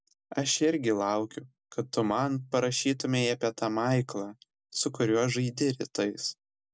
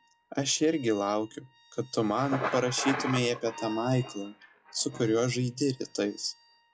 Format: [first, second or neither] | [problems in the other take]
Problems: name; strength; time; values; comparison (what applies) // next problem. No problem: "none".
first | noise reduction (classical method log-MMSE)